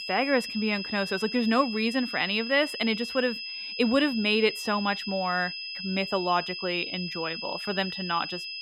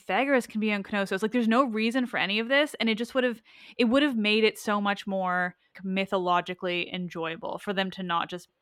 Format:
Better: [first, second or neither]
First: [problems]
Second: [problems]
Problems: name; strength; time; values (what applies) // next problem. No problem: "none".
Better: second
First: high-pitched whine; loud; throughout; 5 kHz, 6 dB below the speech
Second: none